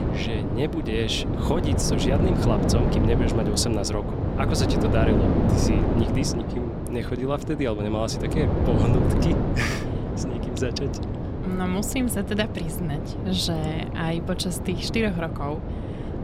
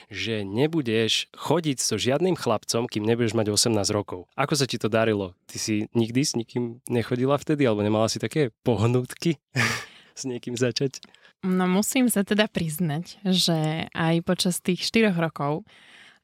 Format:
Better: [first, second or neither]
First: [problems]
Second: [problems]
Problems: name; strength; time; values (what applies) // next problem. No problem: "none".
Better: second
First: wind noise on the microphone; heavy; 2 dB below the speech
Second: none